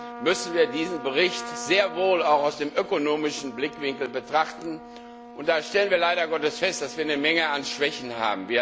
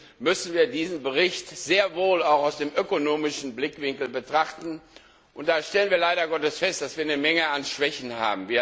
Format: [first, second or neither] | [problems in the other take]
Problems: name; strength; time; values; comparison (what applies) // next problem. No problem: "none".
second | background sound (Trumpet); 15 dB below the speech